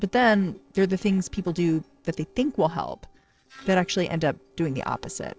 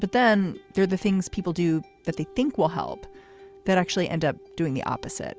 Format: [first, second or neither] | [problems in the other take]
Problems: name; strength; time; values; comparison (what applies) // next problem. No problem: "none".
second | noise reduction (neural separator model SepFormer DNS4)